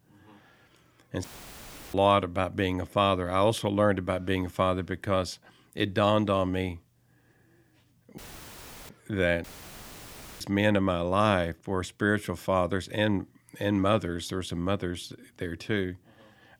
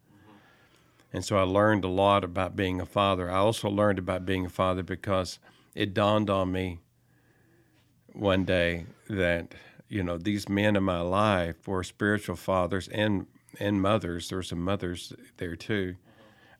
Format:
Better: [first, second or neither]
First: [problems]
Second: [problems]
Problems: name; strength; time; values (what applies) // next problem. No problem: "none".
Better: second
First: audio cutting out; filled with static; at 1 s for 0.5 s, at 8 s for 0.5 s and at 9.5 s for 1 s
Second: none